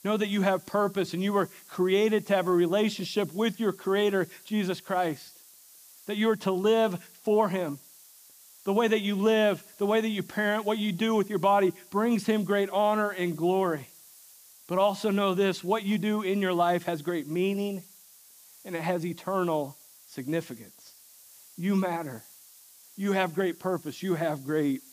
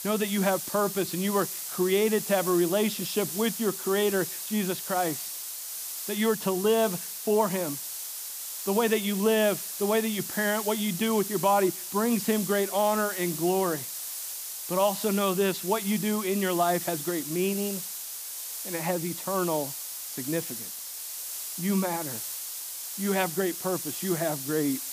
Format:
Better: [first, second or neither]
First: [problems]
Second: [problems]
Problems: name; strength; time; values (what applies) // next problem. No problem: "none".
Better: first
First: hiss; faint; throughout; 25 dB below the speech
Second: hiss; loud; throughout; 6 dB below the speech